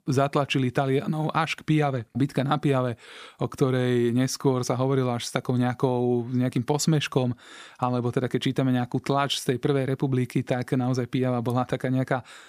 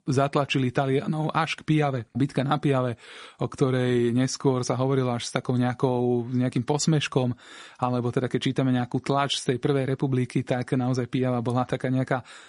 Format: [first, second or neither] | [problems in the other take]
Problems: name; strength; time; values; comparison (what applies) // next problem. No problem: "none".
first | garbled, watery; slightly; nothing above 10.5 kHz